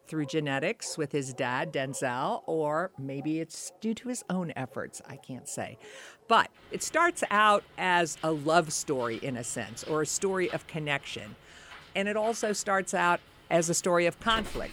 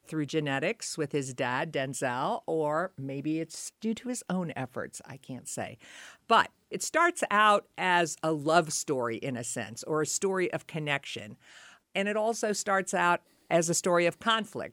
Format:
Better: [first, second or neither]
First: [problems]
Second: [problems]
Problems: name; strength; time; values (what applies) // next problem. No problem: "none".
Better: second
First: animal sounds; faint; throughout; 20 dB below the speech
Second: none